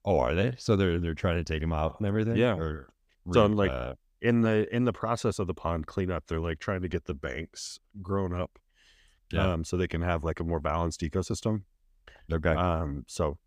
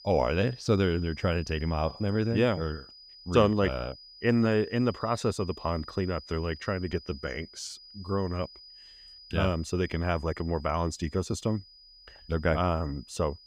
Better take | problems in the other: first | high-pitched whine; noticeable; throughout; 5 kHz, 20 dB below the speech

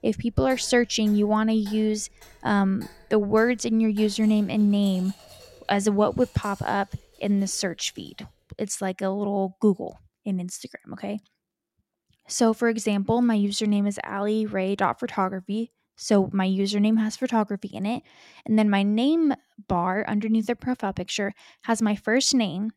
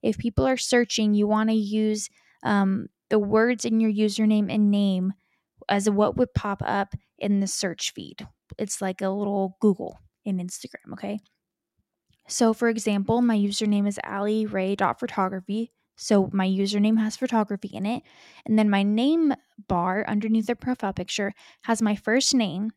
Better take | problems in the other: second | household noises; faint; until 8 s; 25 dB below the speech

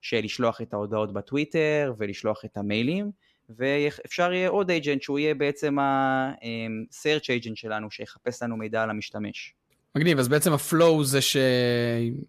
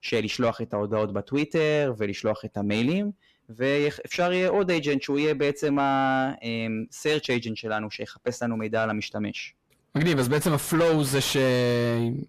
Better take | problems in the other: first | distortion; slight; 10 dB below the speech

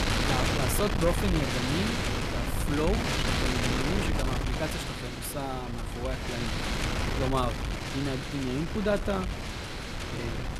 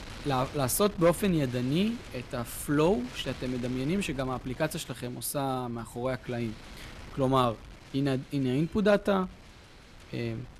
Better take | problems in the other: second | wind noise on the microphone; heavy; 2 dB above the speech; occasional gusts in the second

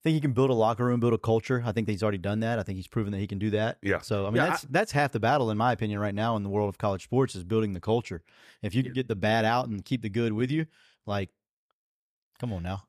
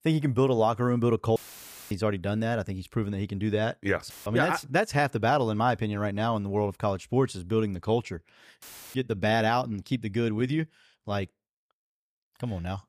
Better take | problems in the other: first | audio cutting out; filled with static; at 1.5 s for 0.5 s, at 4 s and at 8.5 s

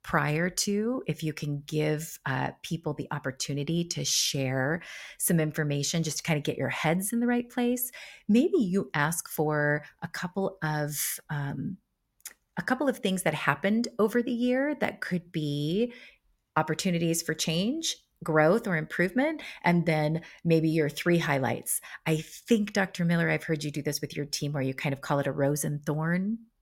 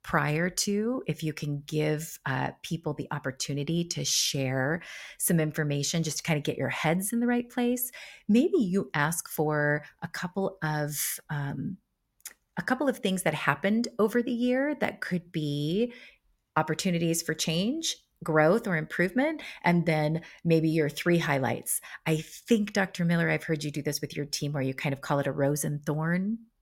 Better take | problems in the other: neither | none

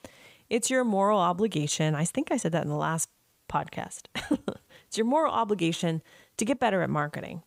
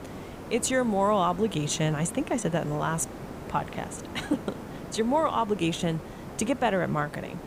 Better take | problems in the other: first | hiss; noticeable; throughout; 10 dB below the speech

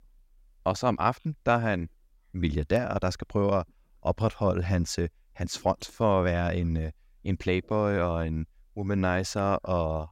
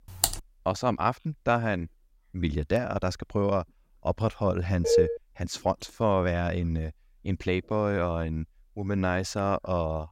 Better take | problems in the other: first | keyboard typing; loud; at the start; peak 1 dB above the speech // clattering dishes; loud; at 5 s; peak 5 dB above the speech

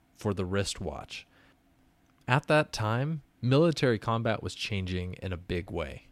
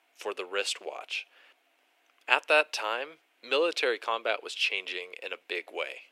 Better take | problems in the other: first | thin; very; fading below 400 Hz

